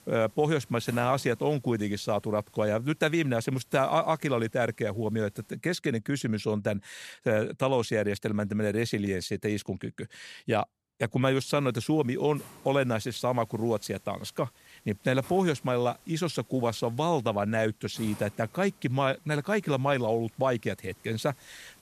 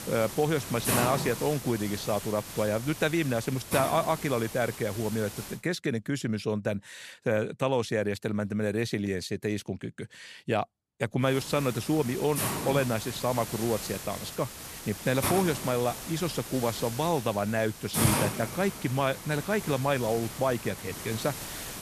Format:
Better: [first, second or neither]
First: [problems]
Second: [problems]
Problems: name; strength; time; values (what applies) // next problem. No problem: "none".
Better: first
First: hiss; faint; until 5.5 s and from 11 s on; 25 dB below the speech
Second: hiss; loud; until 5.5 s and from 11 s on; 5 dB below the speech